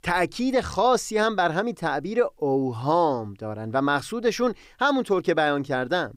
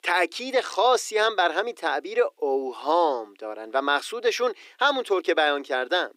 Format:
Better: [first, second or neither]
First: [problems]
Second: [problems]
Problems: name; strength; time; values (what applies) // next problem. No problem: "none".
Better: first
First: none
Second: thin; somewhat; fading below 350 Hz